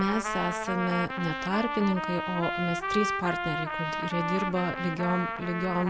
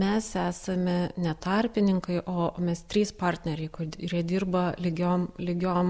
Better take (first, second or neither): second